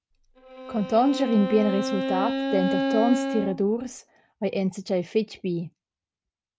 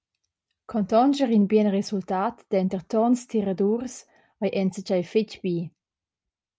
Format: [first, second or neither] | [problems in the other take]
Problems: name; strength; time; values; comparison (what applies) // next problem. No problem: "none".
second | background sound (Bowed string instrument); 3 dB below the speech